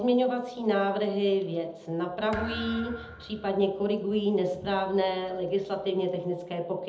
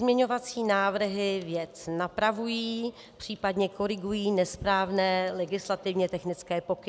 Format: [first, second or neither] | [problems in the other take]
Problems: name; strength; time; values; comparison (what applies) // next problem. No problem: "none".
second | background sound (Thump, thud); 14 dB below the speech // room echo; dies away in 0.8 s